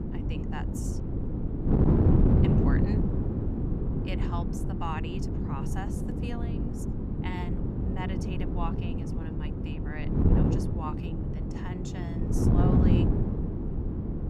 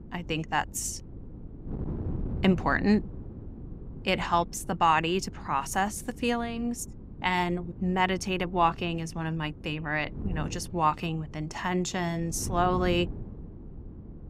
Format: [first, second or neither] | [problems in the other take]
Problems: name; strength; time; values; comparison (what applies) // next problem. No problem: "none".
second | wind noise on the microphone; heavy; 5 dB above the speech; occasional gusts in the second